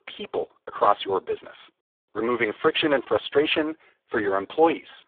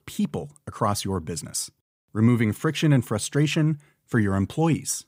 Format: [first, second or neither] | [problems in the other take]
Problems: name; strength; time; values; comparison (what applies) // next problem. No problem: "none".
second | phone-call audio; poor line; nothing above 3.5 kHz